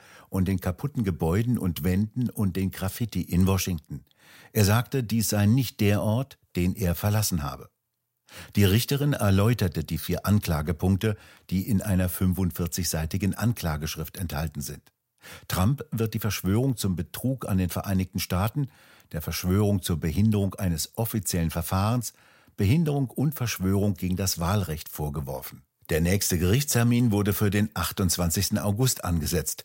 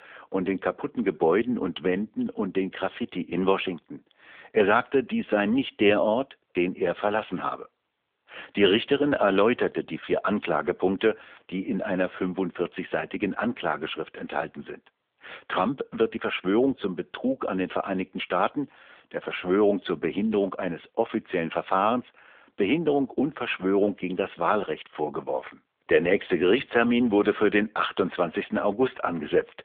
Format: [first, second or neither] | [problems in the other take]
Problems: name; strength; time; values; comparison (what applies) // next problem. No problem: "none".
first | phone-call audio